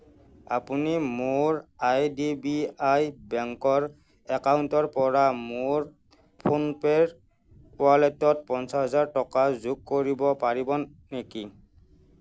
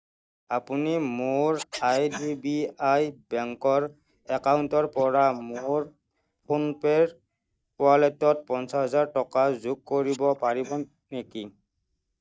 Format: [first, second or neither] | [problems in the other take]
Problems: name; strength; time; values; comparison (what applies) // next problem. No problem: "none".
first | noise reduction (neural mask model DeepFilterNet 3)